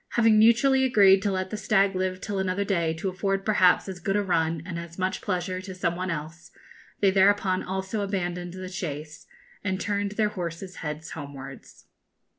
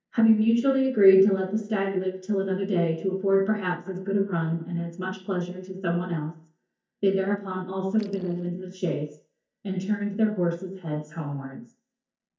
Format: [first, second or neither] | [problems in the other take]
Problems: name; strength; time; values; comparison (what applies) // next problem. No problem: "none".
first | noise reduction (neural mask model DeepFilterNet 3)